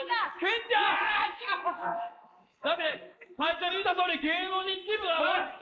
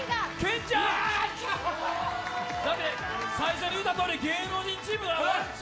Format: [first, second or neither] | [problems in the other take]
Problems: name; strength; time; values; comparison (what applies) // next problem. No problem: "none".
second | noise reduction (neural mask model Resemble Enhance denoiser)